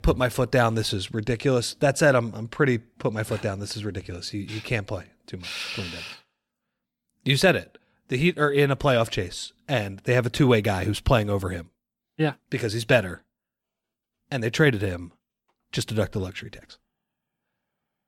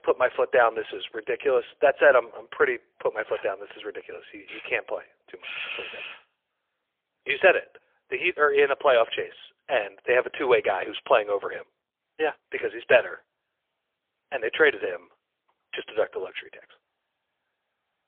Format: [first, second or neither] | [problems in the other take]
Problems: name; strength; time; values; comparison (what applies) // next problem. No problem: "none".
first | phone-call audio; poor line; nothing above 3.5 kHz